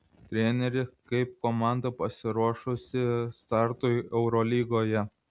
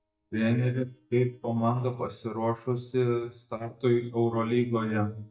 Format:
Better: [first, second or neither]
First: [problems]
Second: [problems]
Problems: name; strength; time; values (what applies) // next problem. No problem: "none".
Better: first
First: none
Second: noise reduction (neural mask model DeepFilterNet 3)